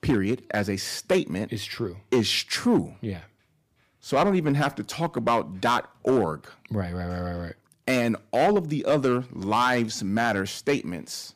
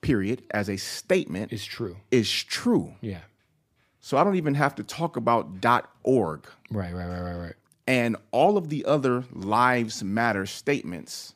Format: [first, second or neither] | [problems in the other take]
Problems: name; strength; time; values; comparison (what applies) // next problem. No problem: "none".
second | distortion; slight; 3% of the sound clipped